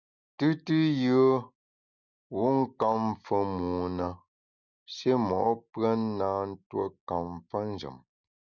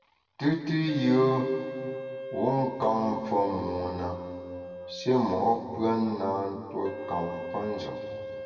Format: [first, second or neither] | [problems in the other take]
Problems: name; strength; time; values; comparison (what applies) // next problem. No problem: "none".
first | background sound (Wind instrument, woodwind instrument); 11 dB below the speech // room echo; dies away in 2.3 s